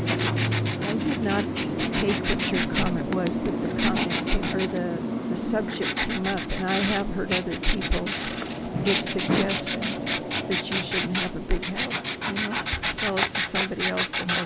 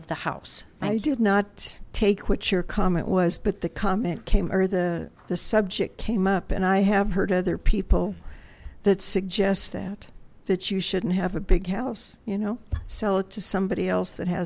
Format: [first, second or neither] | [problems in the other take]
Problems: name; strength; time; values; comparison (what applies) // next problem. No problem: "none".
second | background sound (Writing); 2 dB above the speech